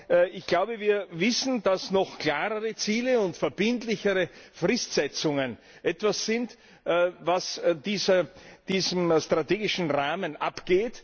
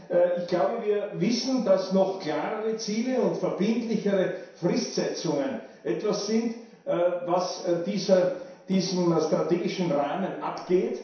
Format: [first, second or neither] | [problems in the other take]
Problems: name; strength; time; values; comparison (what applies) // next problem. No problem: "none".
first | room echo; dies away in 0.7 s